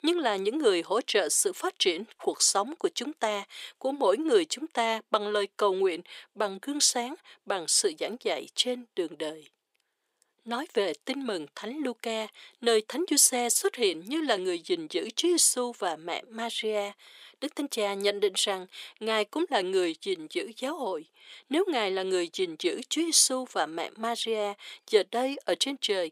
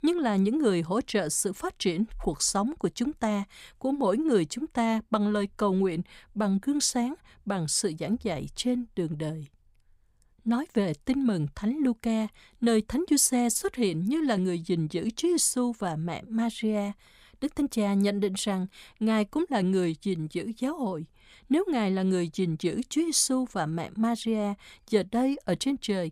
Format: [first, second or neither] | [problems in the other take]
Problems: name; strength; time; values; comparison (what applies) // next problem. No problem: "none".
second | thin; somewhat; fading below 400 Hz